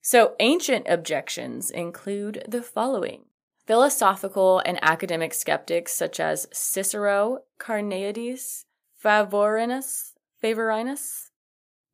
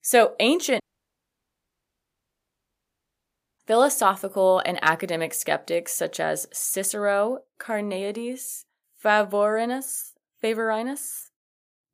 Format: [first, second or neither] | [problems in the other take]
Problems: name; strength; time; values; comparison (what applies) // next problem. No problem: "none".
first | audio cutting out; at 1 s for 3 s